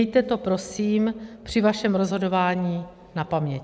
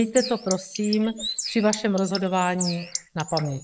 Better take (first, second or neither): first